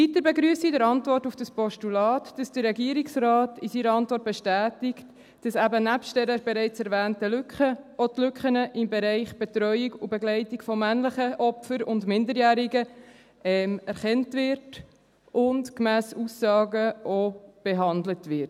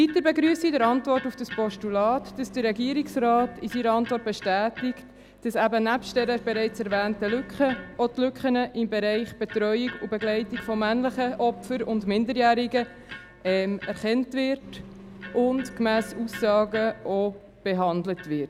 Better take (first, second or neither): first